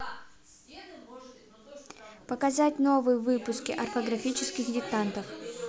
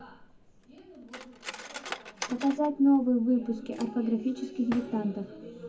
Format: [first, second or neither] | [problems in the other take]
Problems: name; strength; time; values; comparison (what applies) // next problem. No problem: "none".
first | background sound (Cutlery, silverware); 15 dB below the speech // room echo; dies away in 0.4 s